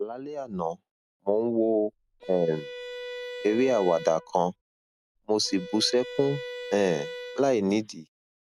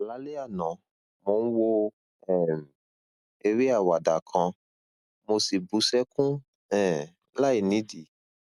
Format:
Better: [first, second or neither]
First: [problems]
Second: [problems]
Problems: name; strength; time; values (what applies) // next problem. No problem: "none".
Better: second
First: background sound (Bowed string instrument); 11 dB below the speech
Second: none